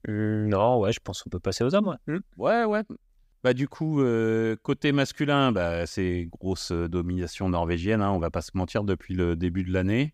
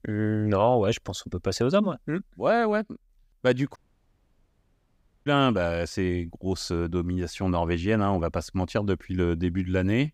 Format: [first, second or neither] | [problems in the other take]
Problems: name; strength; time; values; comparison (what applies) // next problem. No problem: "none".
first | audio cutting out; at 4 s for 1.5 s